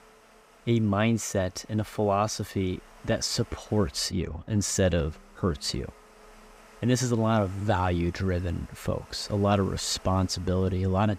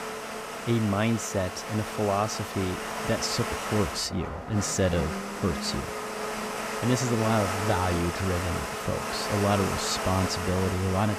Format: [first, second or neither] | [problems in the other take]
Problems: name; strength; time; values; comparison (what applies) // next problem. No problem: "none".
first | household noises; loud; throughout; 4 dB below the speech; faint in the first